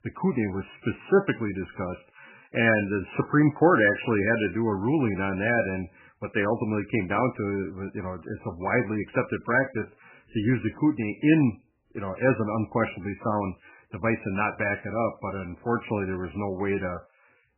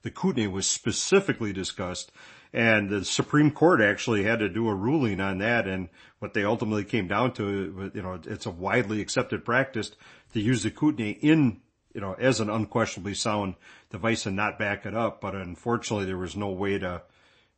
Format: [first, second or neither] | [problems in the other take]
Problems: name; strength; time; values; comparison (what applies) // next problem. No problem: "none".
second | garbled, watery; badly; nothing above 2.5 kHz; slightly in the second